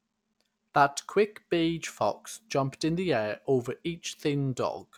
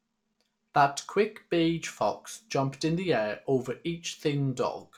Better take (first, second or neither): first